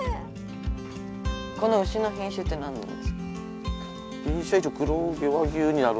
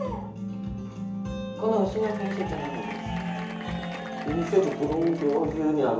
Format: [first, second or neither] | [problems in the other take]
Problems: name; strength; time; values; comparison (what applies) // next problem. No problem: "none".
first | background sound (Applause / Crowd / Cheering); 11 dB below the speech // room echo; dies away in 0.8 s